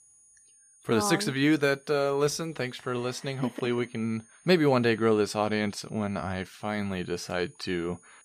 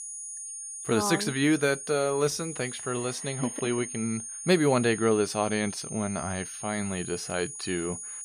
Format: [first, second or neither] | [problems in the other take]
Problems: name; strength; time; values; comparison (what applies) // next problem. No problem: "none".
first | high-pitched whine; loud; throughout; 9.5 kHz, 8 dB below the speech; faint in the first